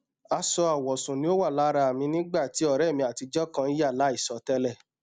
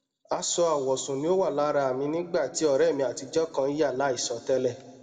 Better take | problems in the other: first | room echo; dies away in 1.5 s

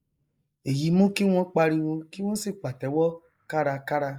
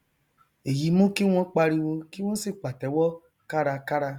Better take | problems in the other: second | noise reduction (neural mask model Resemble Enhance denoiser)

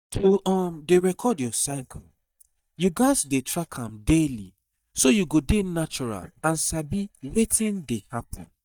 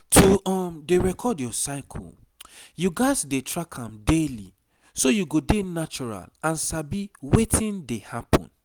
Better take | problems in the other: second | noise reduction (neural mask model DeepFilterNet 3)

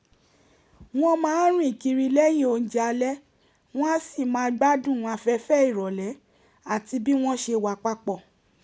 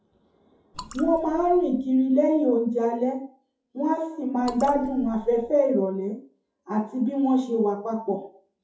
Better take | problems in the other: first | noise reduction (classical method WPE with log-MMSE)

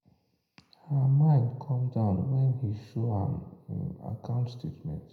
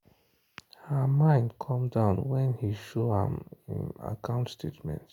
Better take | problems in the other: second | room echo; dies away in 0.7 s

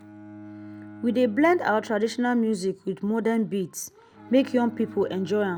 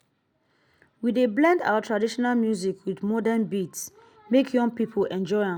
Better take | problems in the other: second | background sound (Bowed string instrument); 19 dB below the speech

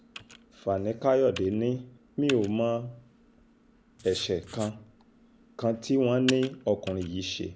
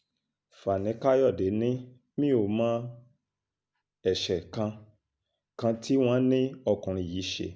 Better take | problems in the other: second | background sound (Computer keyboard + Writing); 16 dB below the speech

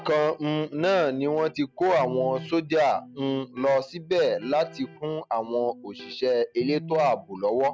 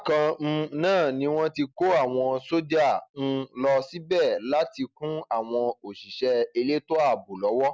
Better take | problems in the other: second | background sound (Electric guitar); 18 dB below the speech

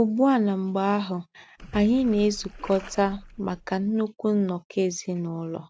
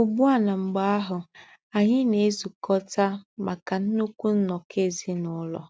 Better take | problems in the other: second | background sound (Splash, splatter); 18 dB below the speech

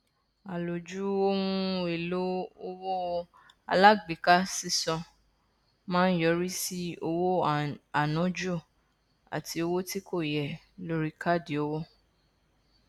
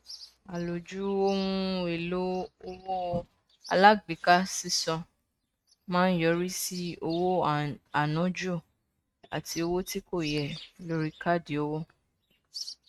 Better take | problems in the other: first | noise reduction (neural mask model RNNoise)

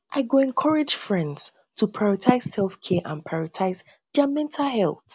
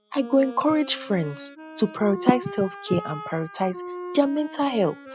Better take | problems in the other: first | noise reduction (classical method spectral subtraction)

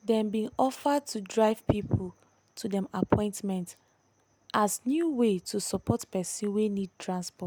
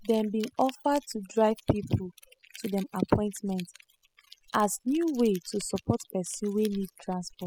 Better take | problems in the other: first | noise reduction (classical method spectral subtraction)

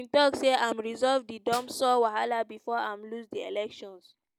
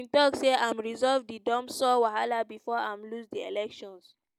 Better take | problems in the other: second | background sound (Snare drum); 17 dB below the speech

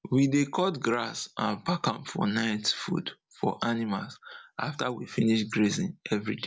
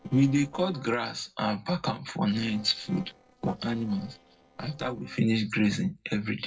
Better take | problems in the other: first | noise reduction (neural separator model SepFormer DNS4)

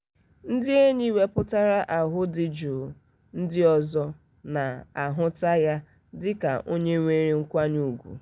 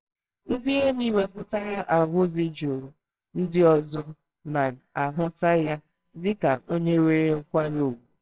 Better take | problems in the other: first | noise reduction (neural separator model SepFormer WHAMR!)

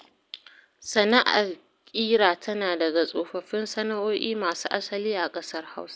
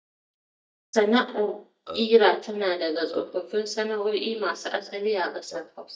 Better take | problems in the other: first | noise reduction (neural mask model DeepFilterNet 3)

